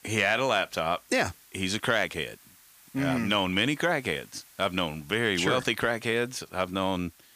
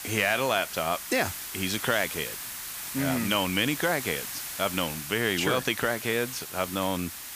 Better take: first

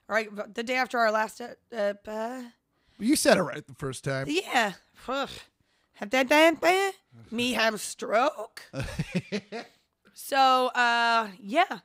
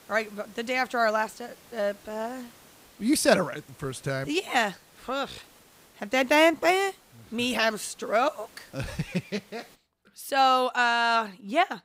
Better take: first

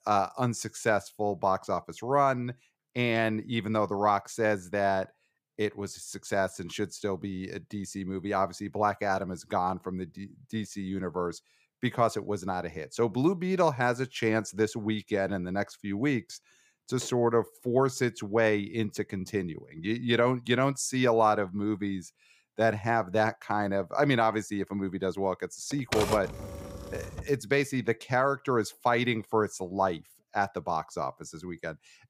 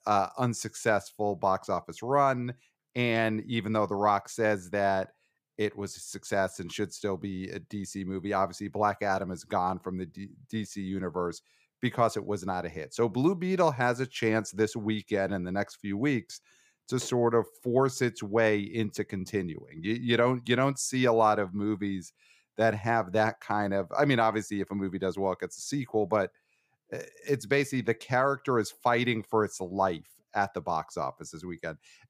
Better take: second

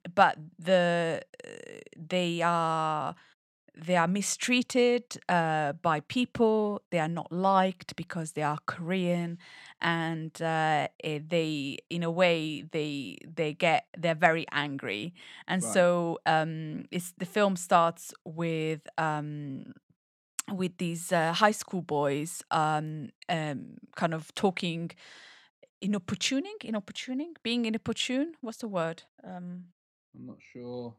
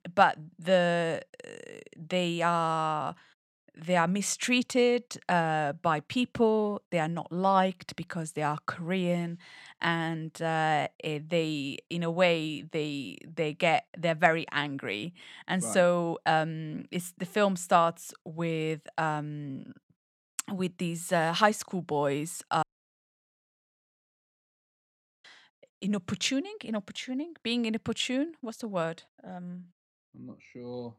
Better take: first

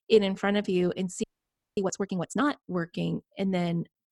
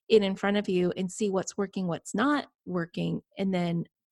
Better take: second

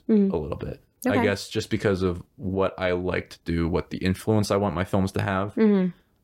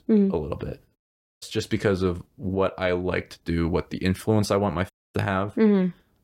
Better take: first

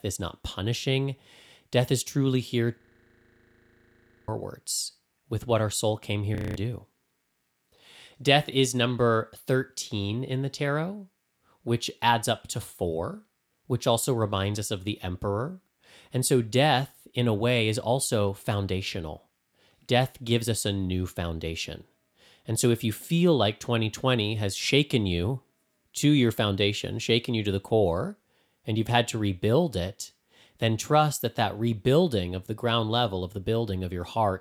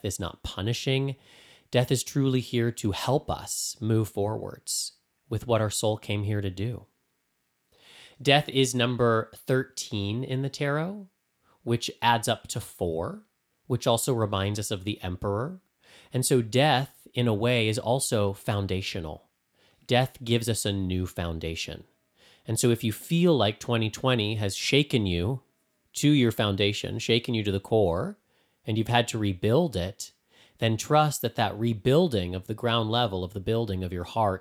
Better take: second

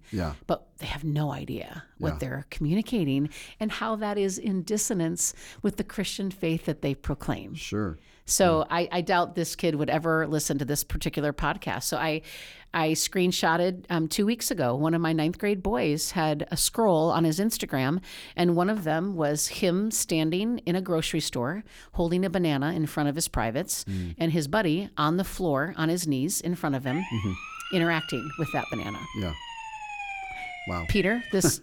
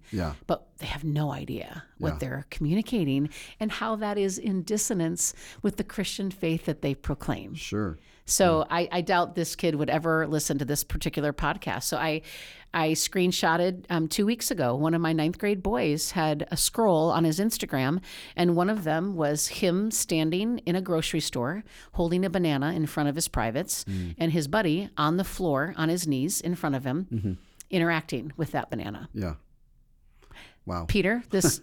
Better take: second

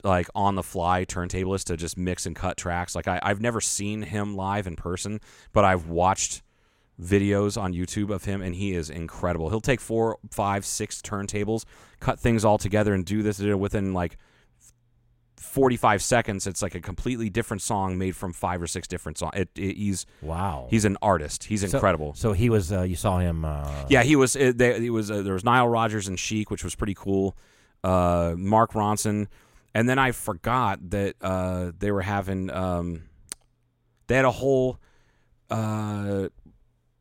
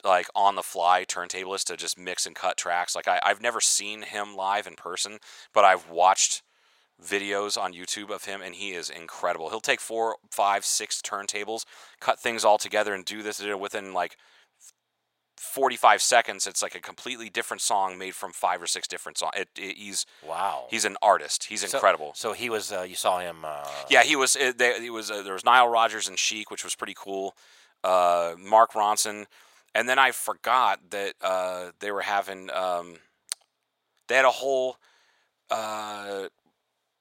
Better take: first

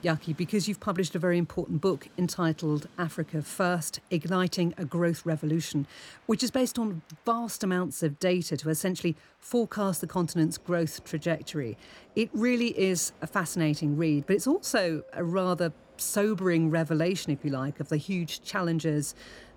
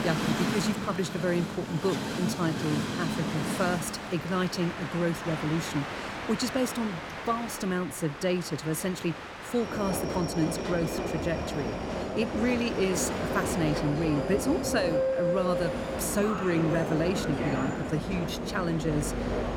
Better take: first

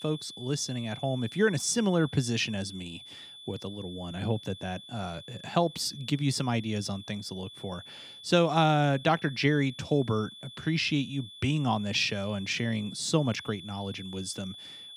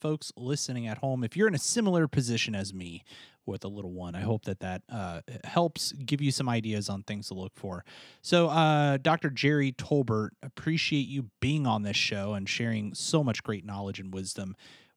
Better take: second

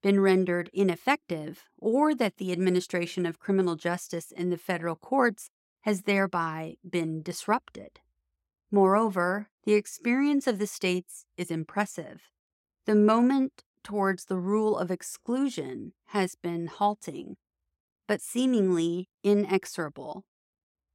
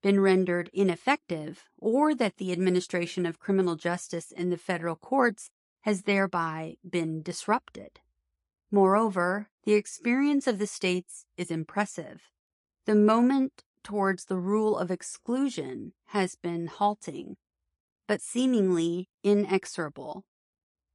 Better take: first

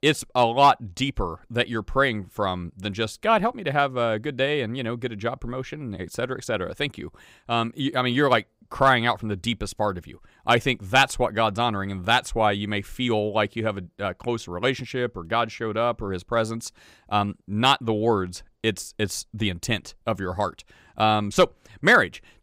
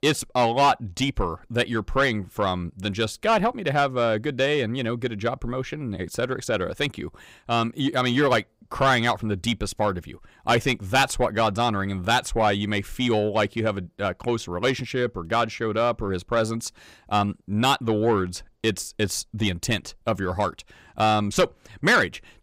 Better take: first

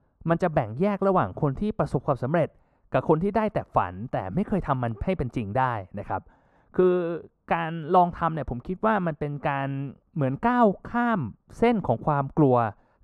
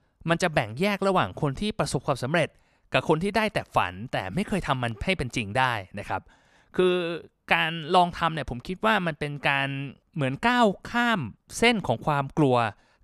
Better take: second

